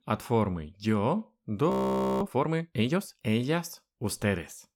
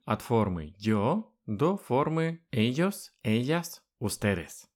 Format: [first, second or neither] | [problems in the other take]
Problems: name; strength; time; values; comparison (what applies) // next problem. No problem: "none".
second | audio freezing; at 1.5 s for 0.5 s